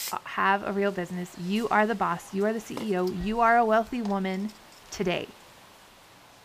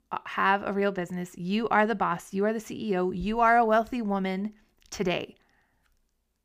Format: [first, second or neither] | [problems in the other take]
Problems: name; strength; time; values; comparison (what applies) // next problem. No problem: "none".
second | hiss; faint; throughout; 20 dB below the speech